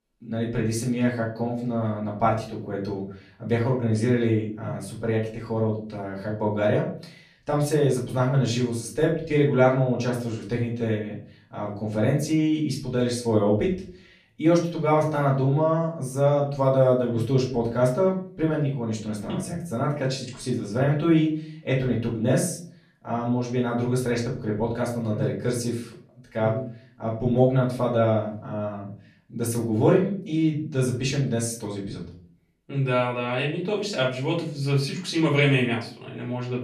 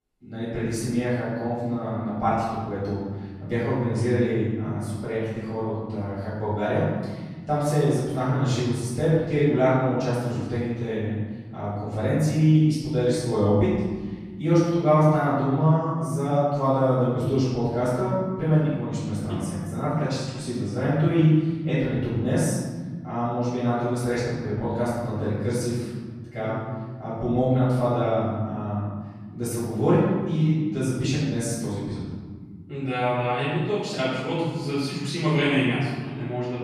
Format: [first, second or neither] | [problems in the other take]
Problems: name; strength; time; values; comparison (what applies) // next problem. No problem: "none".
first | room echo; strong; dies away in 1.9 s; slight in the first // off-mic speech; far; far in the first